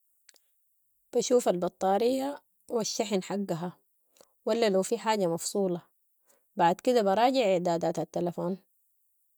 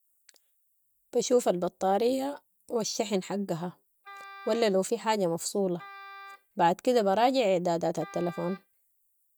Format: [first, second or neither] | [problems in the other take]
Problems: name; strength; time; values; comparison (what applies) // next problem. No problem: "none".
first | background sound (Wind instrument, woodwind instrument); 20 dB below the speech